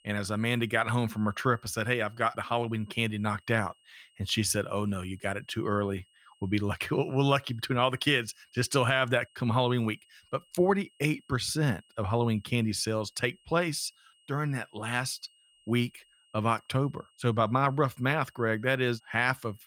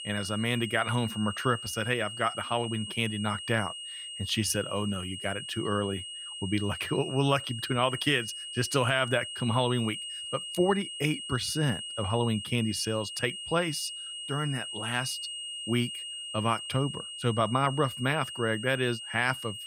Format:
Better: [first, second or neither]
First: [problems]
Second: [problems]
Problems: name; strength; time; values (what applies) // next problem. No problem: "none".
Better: first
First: high-pitched whine; faint; throughout; 3 kHz, 35 dB below the speech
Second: high-pitched whine; loud; throughout; 3 kHz, 7 dB below the speech